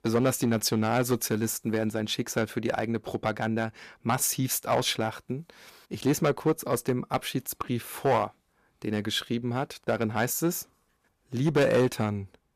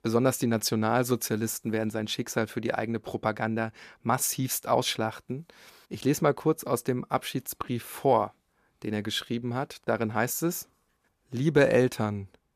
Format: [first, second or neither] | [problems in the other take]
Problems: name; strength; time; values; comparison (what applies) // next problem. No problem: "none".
second | distortion; slight; 3% of the sound clipped